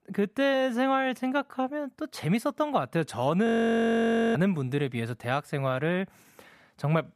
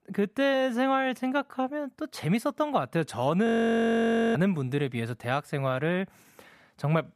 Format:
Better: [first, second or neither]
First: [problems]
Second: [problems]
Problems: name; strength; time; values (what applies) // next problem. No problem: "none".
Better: neither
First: audio freezing; at 3.5 s for 1 s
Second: audio freezing; at 3.5 s for 1 s